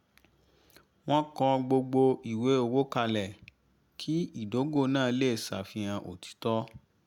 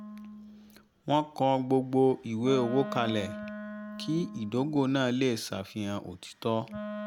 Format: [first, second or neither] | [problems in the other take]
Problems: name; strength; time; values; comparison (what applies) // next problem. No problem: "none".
first | background sound (Wind instrument, woodwind instrument); 13 dB below the speech